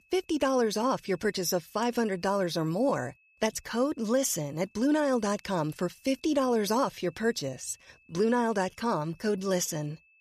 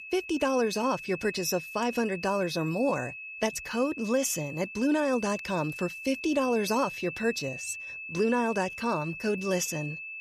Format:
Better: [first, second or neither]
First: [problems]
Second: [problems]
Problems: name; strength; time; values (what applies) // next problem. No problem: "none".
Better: first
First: high-pitched whine; faint; throughout; 2.5 kHz, 35 dB below the speech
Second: high-pitched whine; loud; throughout; 2.5 kHz, 9 dB below the speech